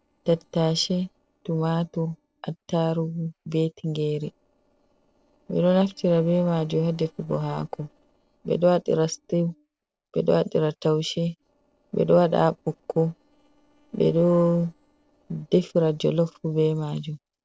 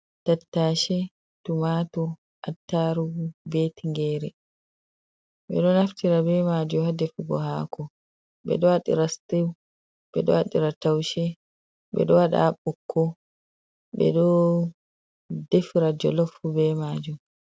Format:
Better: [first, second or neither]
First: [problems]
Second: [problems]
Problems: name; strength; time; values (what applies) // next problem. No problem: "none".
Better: second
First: noise reduction (neural separator model SepFormer DNS4)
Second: none